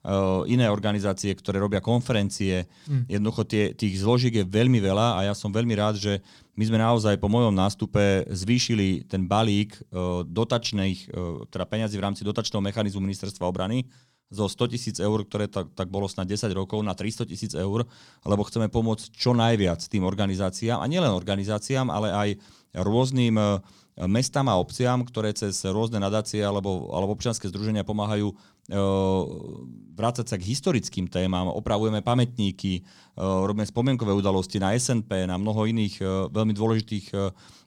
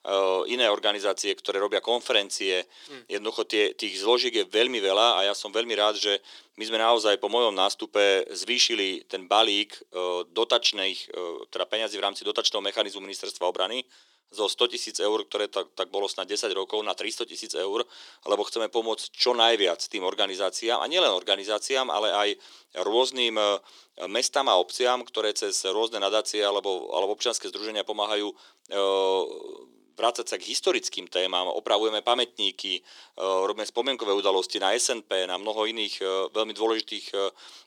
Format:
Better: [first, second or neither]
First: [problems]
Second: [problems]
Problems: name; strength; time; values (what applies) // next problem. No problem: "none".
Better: first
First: none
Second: thin; very; fading below 350 Hz